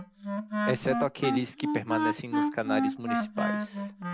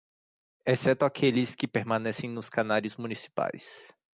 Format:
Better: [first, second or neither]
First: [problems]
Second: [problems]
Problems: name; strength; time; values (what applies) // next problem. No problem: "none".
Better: second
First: background sound (Wind instrument, woodwind instrument); 3 dB above the speech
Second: none